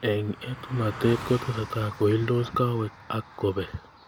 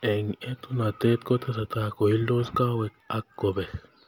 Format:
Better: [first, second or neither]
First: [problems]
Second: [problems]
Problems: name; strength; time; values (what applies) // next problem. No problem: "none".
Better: second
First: background sound (Car passing by); 15 dB below the speech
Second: none